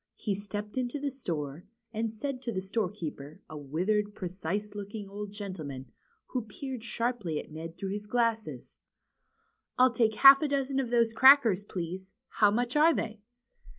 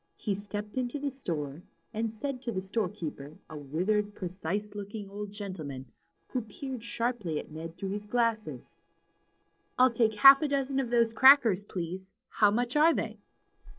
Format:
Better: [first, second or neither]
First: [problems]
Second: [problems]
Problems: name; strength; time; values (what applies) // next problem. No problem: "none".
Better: first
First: none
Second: noise reduction (neural separator model SepFormer DNS4)